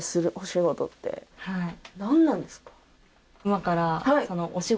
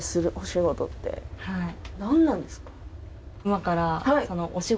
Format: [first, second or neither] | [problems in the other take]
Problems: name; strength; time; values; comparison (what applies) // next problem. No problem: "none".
first | background sound (Aircraft); 13 dB below the speech